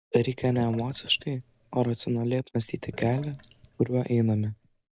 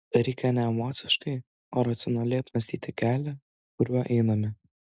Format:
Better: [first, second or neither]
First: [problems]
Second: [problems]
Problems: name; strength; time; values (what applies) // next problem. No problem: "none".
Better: second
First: background sound (Sink (filling or washing)); 18 dB below the speech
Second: none